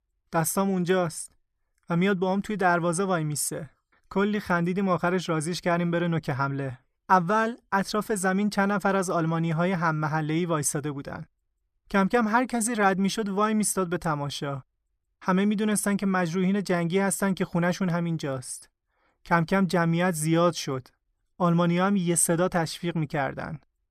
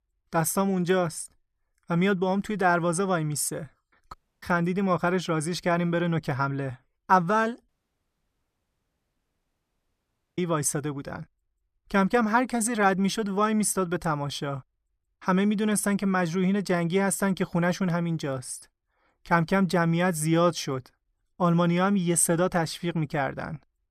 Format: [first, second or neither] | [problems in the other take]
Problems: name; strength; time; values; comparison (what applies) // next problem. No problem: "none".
first | audio cutting out; at 4 s and at 7.5 s for 2.5 s